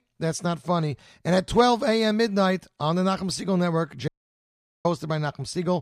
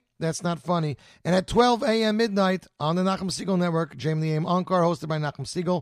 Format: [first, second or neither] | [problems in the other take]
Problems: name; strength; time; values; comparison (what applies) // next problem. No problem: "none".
second | audio cutting out; at 4 s for 1 s